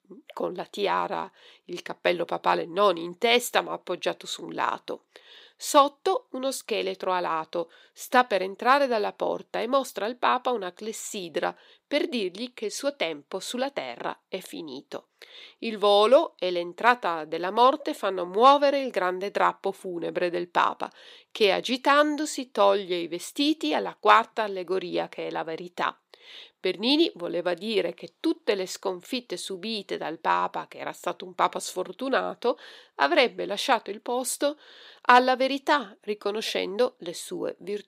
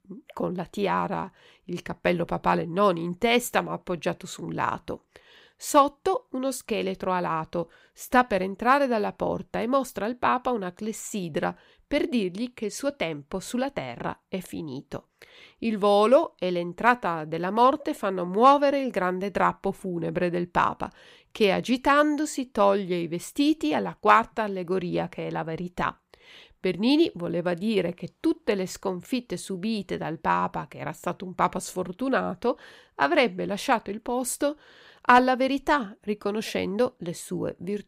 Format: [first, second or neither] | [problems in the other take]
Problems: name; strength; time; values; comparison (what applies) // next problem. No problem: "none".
second | thin; very slightly; fading below 350 Hz